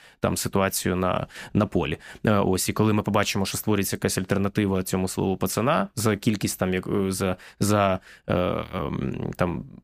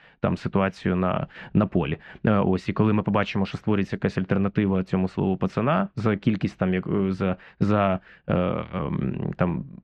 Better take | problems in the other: first | muffled; very; fading above 3 kHz

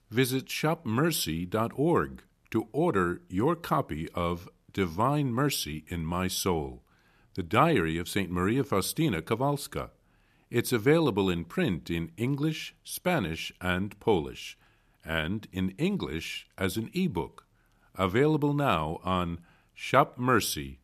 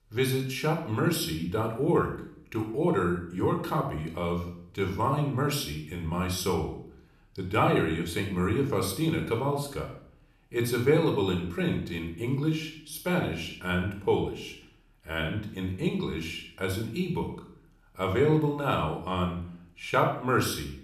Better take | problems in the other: first | room echo; slight; dies away in 0.5 s

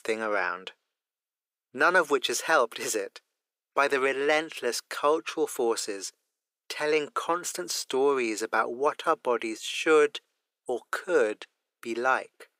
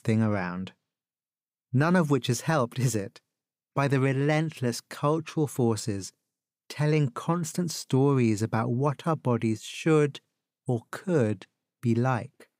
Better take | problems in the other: second | thin; very; fading below 400 Hz

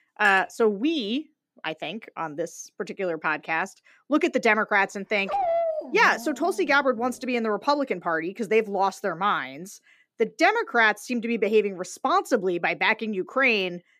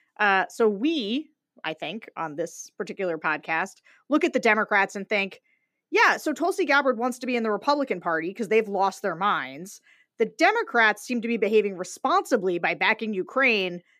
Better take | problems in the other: second | clattering dishes; noticeable; at the start; peak 2 dB below the speech // dog barking; noticeable; from 5.5 to 6.5 s; peak level with the speech

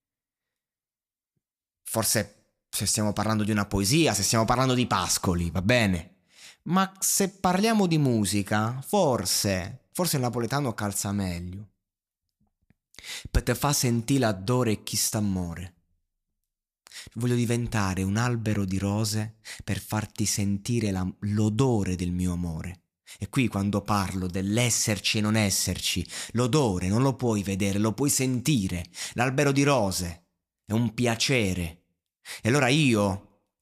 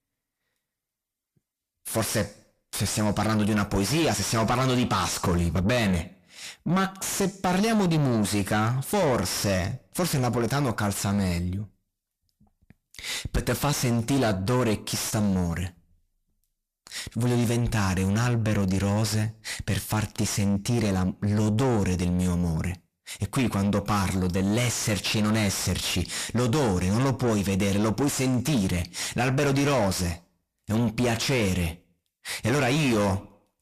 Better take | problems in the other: first | distortion; heavy; 6 dB below the speech

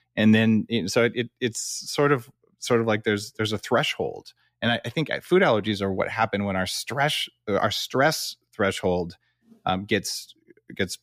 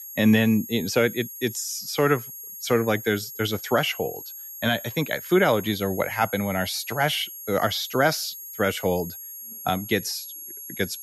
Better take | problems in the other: first | high-pitched whine; noticeable; throughout; 11.5 kHz, 10 dB below the speech

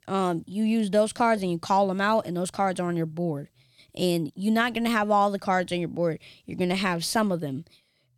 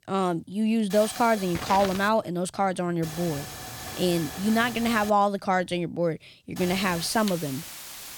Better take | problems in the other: first | hiss; noticeable; from 1 to 2 s, from 3 to 5 s and from 6.5 s on; 10 dB below the speech

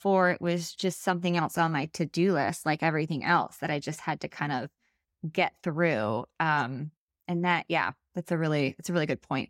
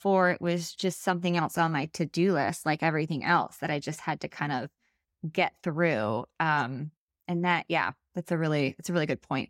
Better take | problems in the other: neither | none

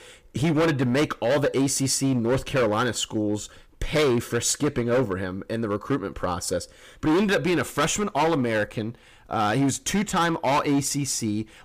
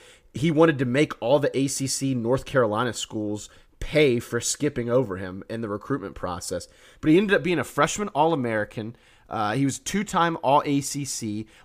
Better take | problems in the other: second | distortion; heavy; 12% of the sound clipped

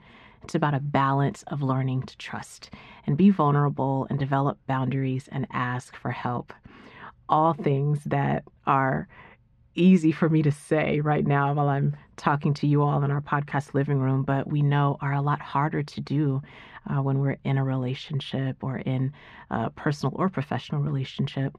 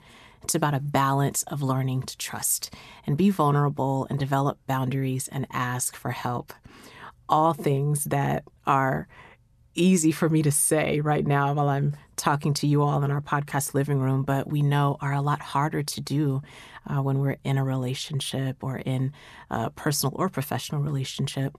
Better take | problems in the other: second | muffled; slightly; fading above 2.5 kHz

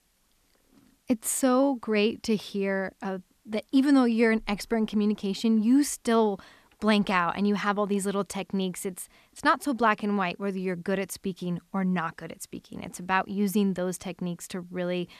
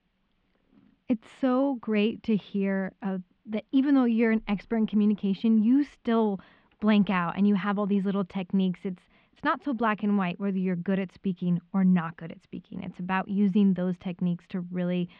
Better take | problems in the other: first | muffled; very; fading above 3 kHz

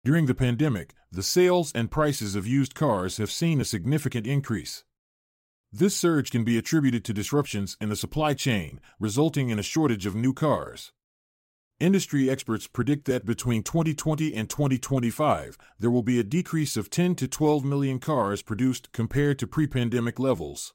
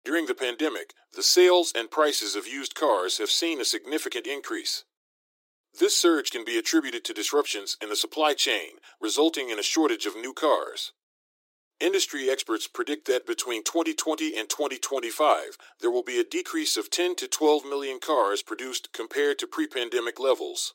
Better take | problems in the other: first | thin; very; fading below 300 Hz

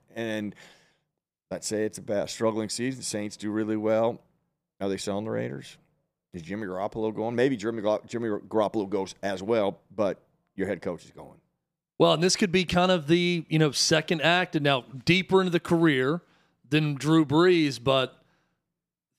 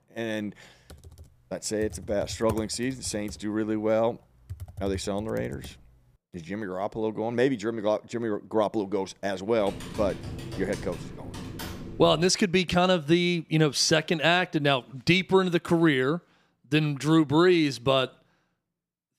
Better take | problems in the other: first | keyboard typing; faint; from 1 to 5.5 s and from 9.5 to 12 s; peak 10 dB below the speech

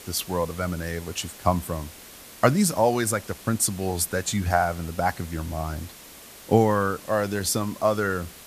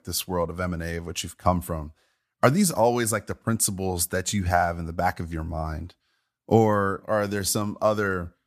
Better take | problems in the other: second | hiss; noticeable; throughout; 15 dB below the speech

